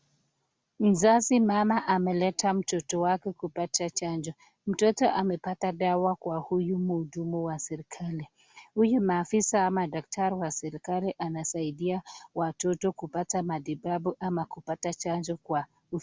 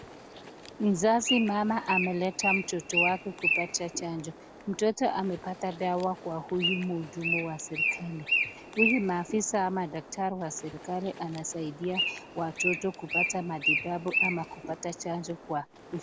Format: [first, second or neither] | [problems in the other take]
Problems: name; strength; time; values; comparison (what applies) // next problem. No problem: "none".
first | background sound (Bird); 3 dB below the speech